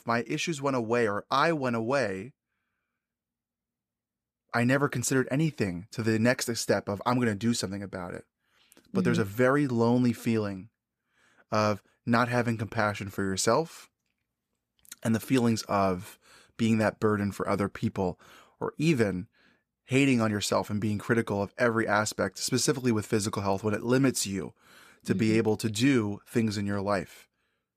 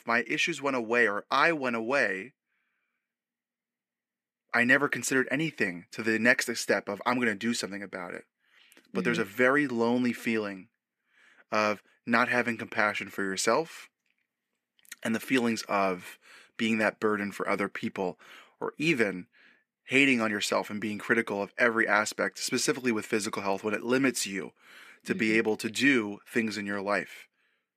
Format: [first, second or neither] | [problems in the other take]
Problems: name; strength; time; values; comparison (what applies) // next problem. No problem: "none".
first | thin; very slightly; fading below 250 Hz